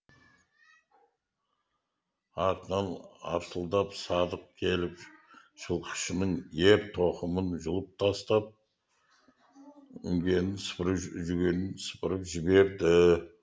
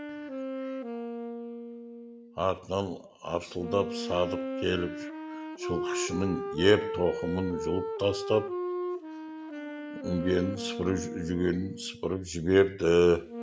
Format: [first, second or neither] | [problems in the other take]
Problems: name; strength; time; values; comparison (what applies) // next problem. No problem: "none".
first | background sound (Wind instrument, woodwind instrument); 7 dB below the speech